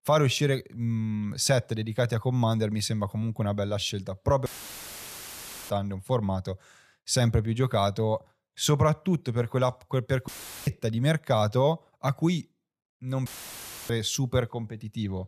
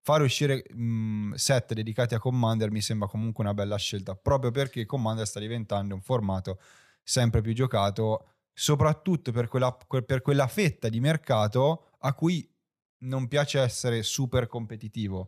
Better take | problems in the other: second | audio cutting out; filled with static; at 4.5 s for 1 s, at 10 s and at 13 s for 0.5 s

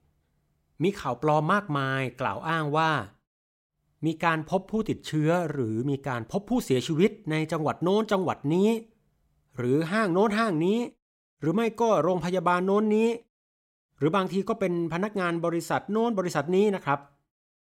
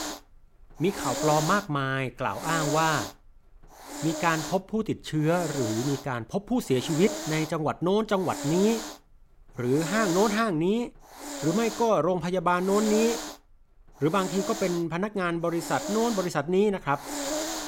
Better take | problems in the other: first | hiss; loud; throughout; 8 dB below the speech

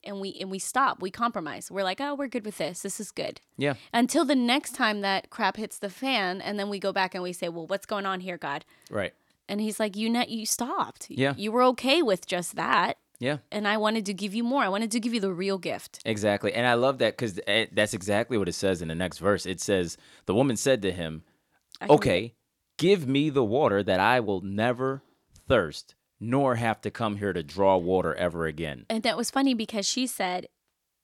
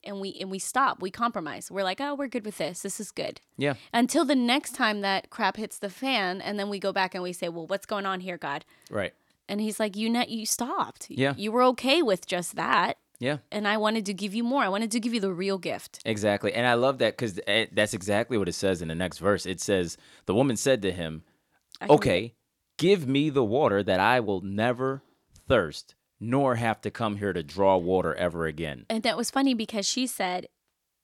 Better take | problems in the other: neither | none

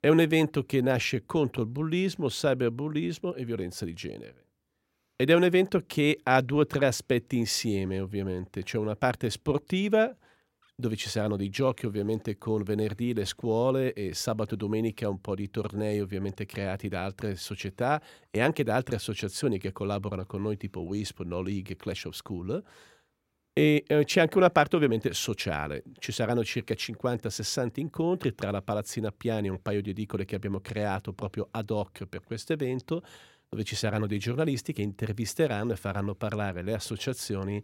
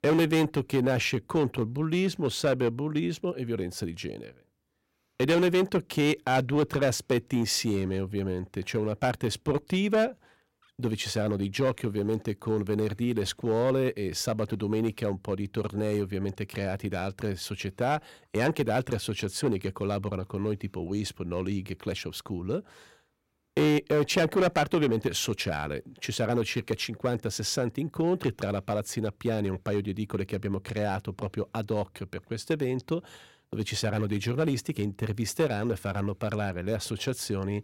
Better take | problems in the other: first | distortion; slight; 4% of the sound clipped

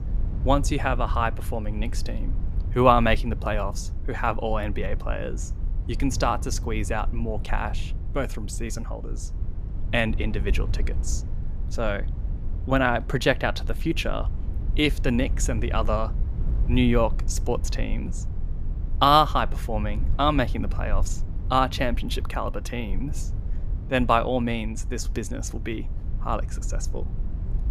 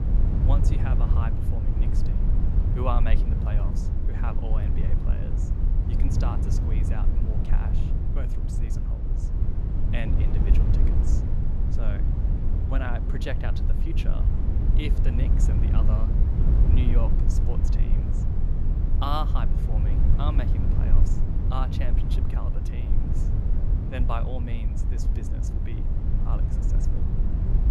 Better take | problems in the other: first | low rumble; loud; throughout; 2 dB below the speech; faint in the first

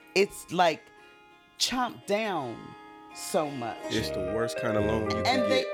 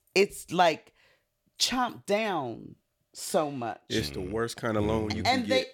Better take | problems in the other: second | background music; loud; throughout; 5 dB below the speech

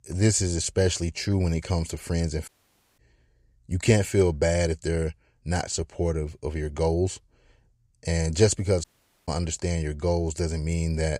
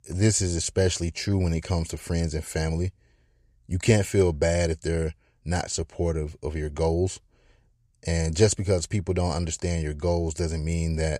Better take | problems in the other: second | audio cutting out; at 2.5 s for 0.5 s and at 9 s

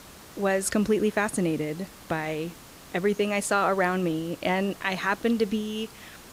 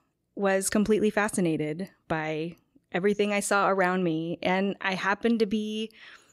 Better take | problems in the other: second | hiss; noticeable; throughout; 20 dB below the speech

